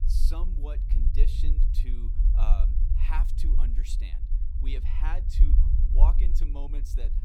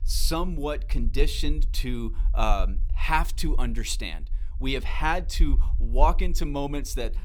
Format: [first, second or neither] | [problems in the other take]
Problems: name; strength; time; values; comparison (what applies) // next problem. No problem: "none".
second | low rumble; loud; throughout; 5 dB below the speech; faint in the second